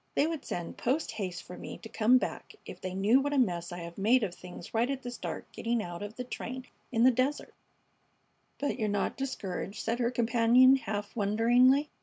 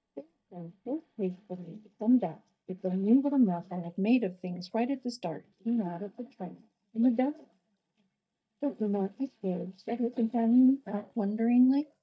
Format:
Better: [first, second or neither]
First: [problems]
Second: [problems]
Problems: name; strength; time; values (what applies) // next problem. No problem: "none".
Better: first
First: none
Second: noise reduction (neural mask model DeepFilterNet 3)